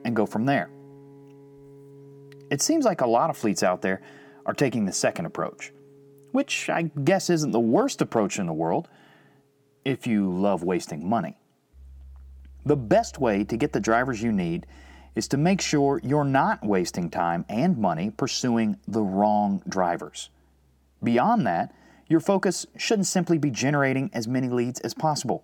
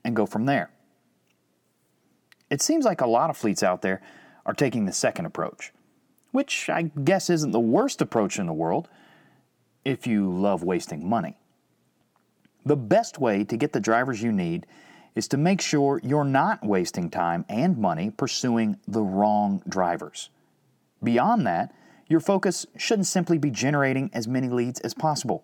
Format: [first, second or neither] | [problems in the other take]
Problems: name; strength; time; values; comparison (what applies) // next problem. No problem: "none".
second | background music; faint; throughout; 25 dB below the speech